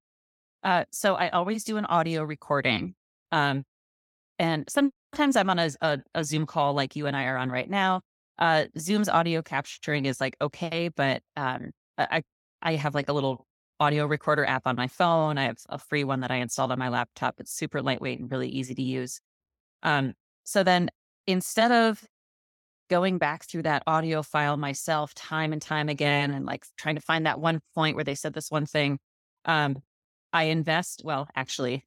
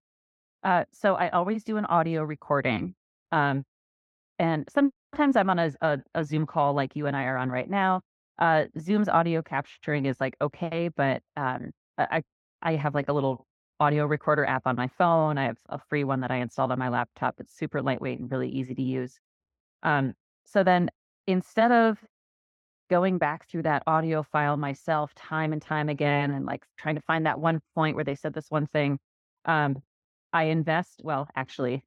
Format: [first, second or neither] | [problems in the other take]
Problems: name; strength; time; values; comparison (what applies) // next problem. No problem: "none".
first | muffled; very; fading above 4 kHz